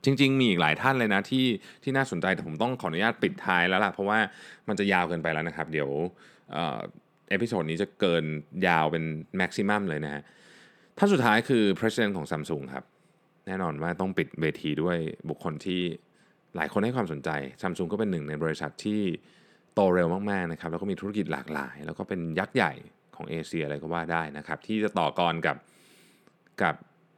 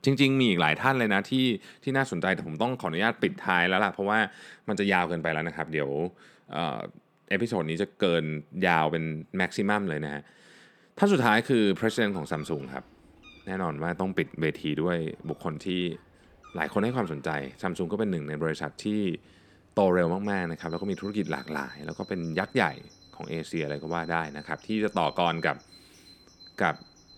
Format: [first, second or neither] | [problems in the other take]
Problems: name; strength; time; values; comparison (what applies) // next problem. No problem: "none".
first | animal sounds; faint; from 12 s on; 25 dB below the speech